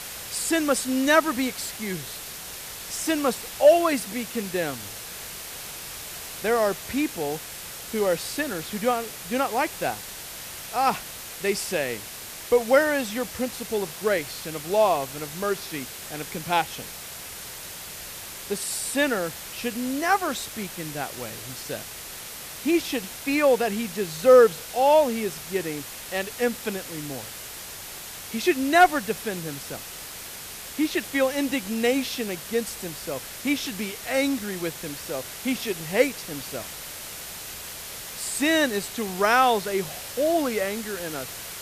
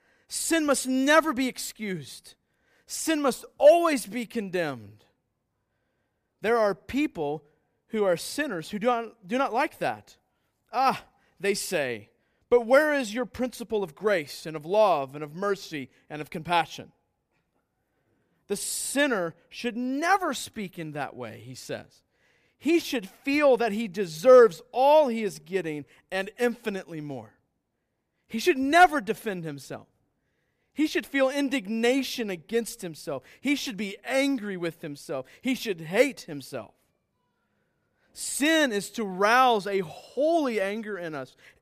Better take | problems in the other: second | hiss; noticeable; throughout; 10 dB below the speech

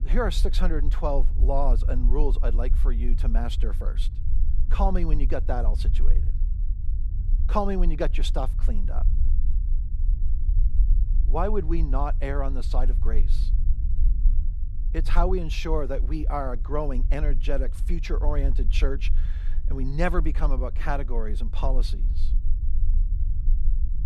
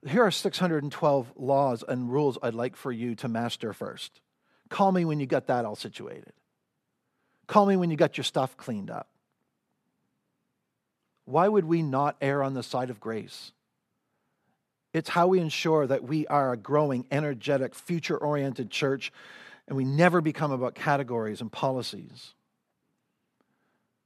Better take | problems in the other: second | low rumble; noticeable; throughout; 15 dB below the speech

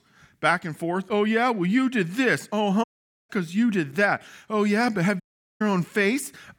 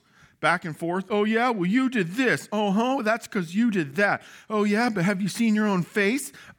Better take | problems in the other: second | audio cutting out; at 3 s and at 5 s

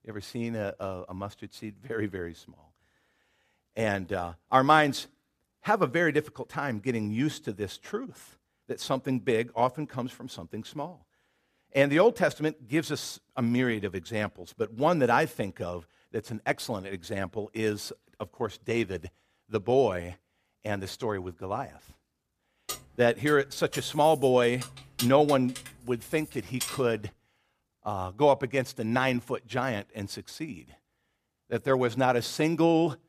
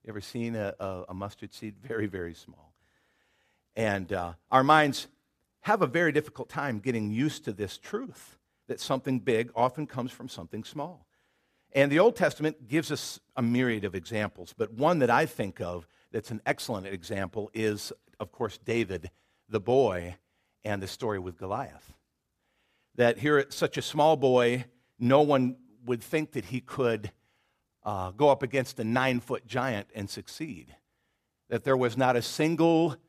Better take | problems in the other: second | jangling keys; noticeable; from 23 to 27 s; peak 6 dB below the speech

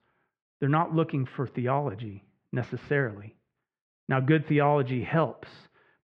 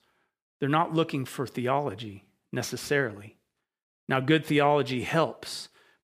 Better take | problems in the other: second | muffled; very; fading above 2.5 kHz

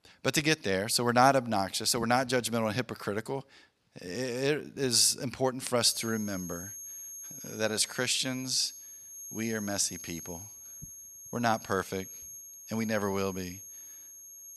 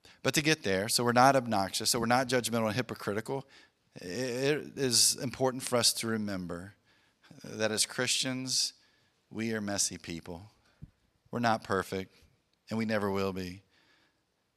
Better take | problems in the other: second | high-pitched whine; noticeable; from 6 s on; 6.5 kHz, 15 dB below the speech

